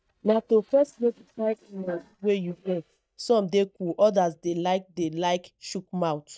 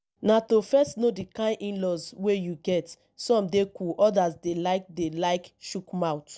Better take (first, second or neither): second